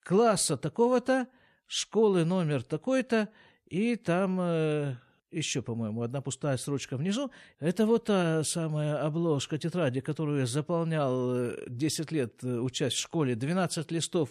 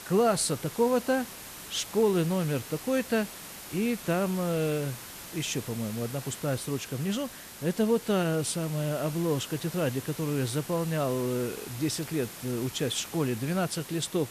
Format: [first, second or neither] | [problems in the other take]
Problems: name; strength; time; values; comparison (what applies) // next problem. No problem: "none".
first | hiss; noticeable; throughout; 10 dB below the speech